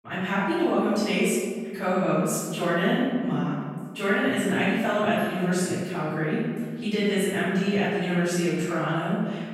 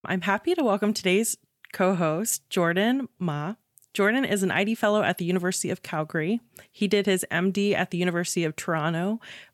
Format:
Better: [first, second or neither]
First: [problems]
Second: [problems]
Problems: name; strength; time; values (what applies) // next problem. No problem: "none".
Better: second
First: off-mic speech; far // room echo; strong; dies away in 1.6 s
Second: none